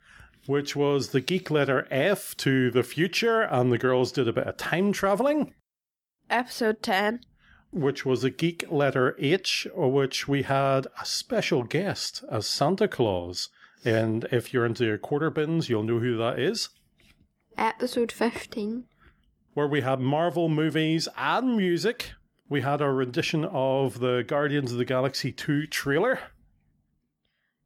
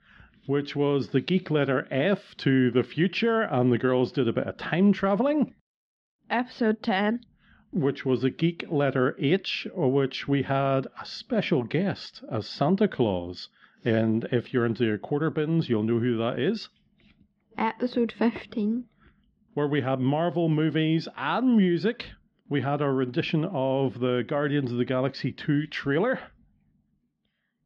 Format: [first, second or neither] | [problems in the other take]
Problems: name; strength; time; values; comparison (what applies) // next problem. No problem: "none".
first | muffled; very slightly; fading above 4 kHz